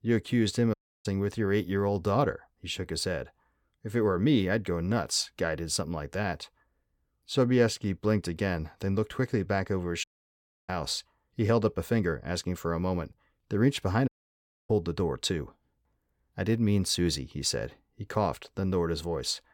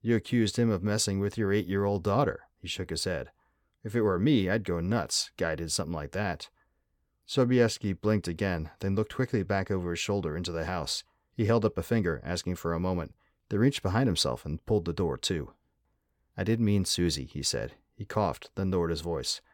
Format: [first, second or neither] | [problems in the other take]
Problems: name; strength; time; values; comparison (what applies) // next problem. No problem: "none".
second | audio cutting out; at 0.5 s, at 10 s for 0.5 s and at 14 s for 0.5 s